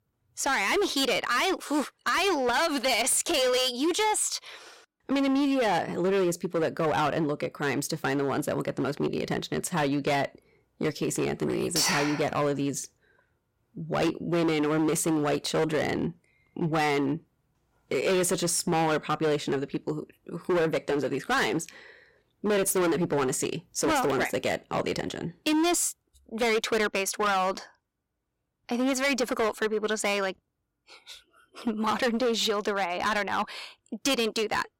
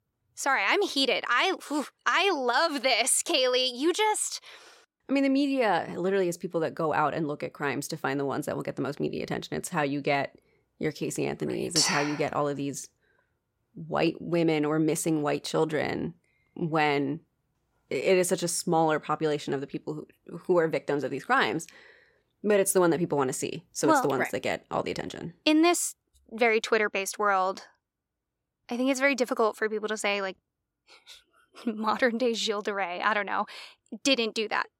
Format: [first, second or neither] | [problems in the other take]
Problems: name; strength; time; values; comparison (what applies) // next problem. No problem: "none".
second | distortion; heavy; 14% of the sound clipped